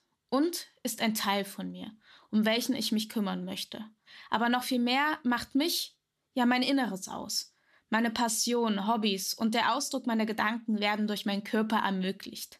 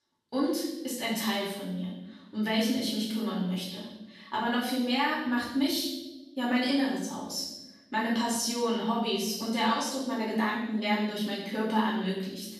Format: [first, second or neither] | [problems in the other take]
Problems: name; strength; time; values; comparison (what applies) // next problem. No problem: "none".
first | off-mic speech; far // room echo; noticeable; dies away in 0.9 s